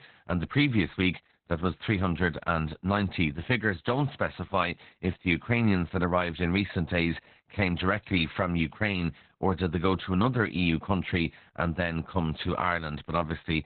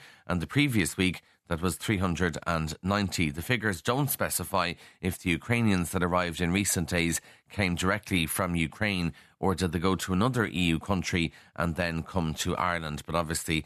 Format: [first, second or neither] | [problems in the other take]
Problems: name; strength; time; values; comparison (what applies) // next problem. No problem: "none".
second | garbled, watery; badly; nothing above 4 kHz